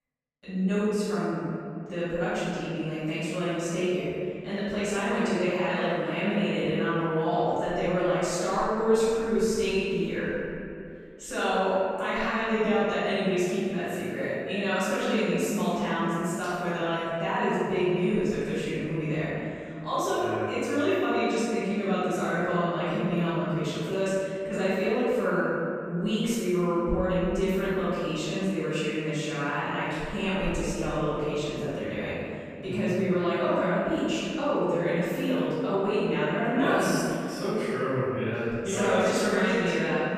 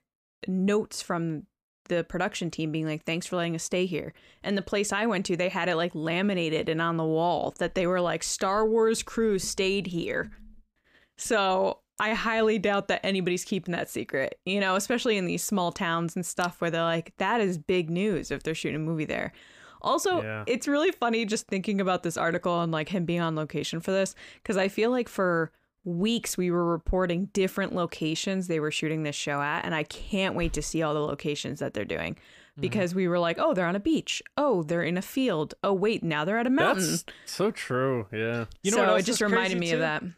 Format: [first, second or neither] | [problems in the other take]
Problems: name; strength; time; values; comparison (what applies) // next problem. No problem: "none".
second | off-mic speech; far // room echo; strong; dies away in 2.4 s